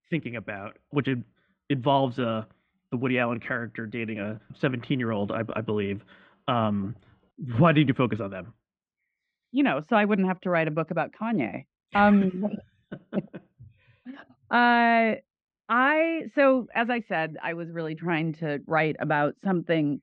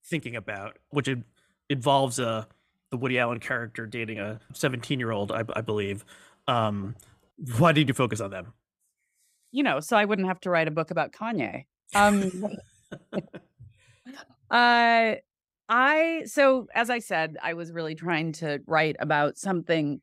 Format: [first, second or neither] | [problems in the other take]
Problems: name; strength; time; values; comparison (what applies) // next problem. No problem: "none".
second | muffled; slightly; fading above 3 kHz